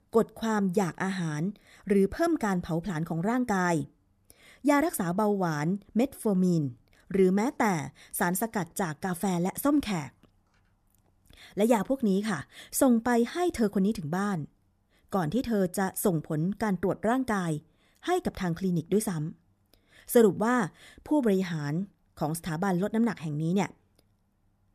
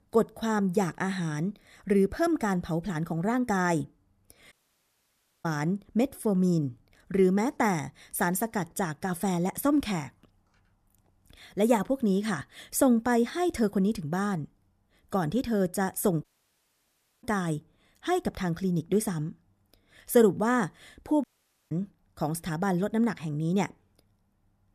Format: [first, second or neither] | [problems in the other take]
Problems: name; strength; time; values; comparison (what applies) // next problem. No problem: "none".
first | audio cutting out; at 4.5 s for 1 s, at 16 s for 1 s and at 21 s